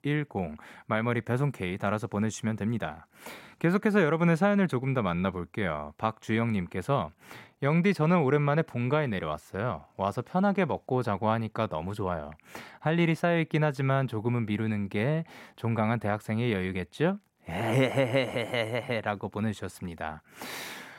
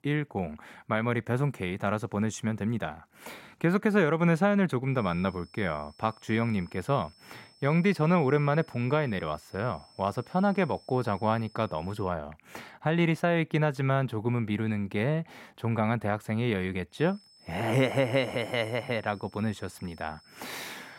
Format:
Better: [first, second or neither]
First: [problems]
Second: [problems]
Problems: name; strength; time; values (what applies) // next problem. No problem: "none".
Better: first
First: none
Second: high-pitched whine; faint; from 5 to 12 s and from 17 s on; 5 kHz, 25 dB below the speech